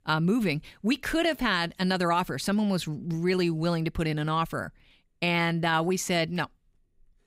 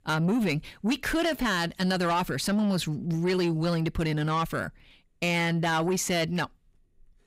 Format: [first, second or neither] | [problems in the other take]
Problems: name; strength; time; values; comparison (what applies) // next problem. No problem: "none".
first | distortion; slight; 10 dB below the speech